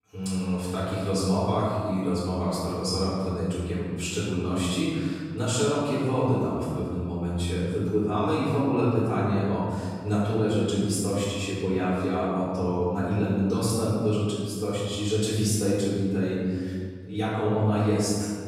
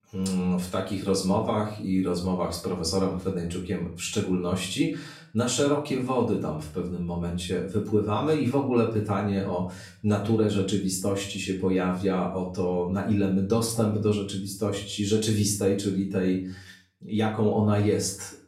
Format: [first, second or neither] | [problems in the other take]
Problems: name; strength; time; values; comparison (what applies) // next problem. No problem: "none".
second | room echo; strong; dies away in 2.1 s; slight in the second // off-mic speech; far; far in the second